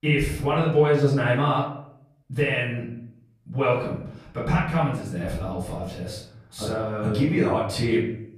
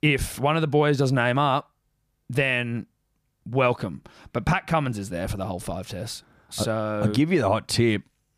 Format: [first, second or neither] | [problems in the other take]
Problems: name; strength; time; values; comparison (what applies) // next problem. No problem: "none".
second | off-mic speech; far // room echo; noticeable; dies away in 0.6 s